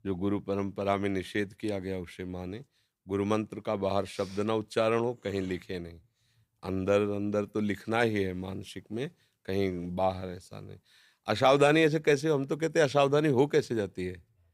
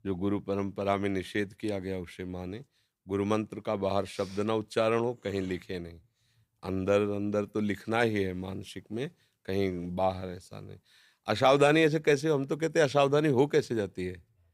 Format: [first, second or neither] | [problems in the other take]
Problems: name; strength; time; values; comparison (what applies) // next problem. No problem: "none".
neither | none